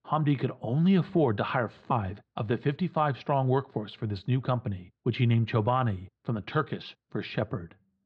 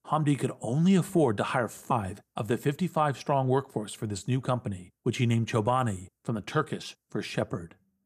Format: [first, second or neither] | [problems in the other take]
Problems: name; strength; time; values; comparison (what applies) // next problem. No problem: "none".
second | muffled; slightly; fading above 4 kHz